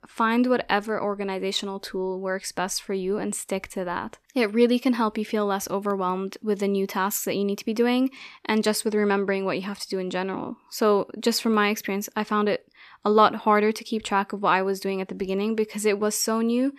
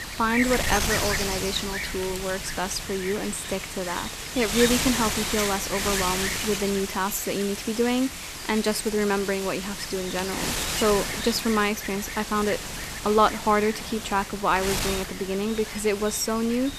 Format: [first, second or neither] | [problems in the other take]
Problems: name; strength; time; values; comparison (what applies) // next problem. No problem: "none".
first | wind noise on the microphone; heavy; 3 dB below the speech